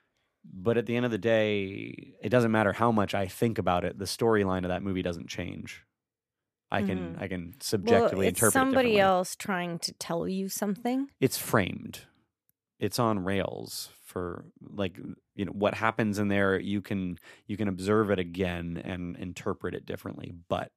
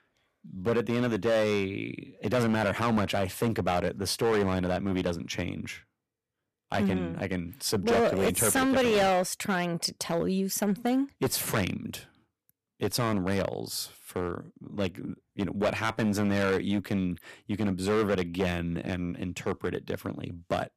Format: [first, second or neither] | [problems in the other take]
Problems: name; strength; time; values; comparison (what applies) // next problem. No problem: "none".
first | distortion; heavy; 8% of the sound clipped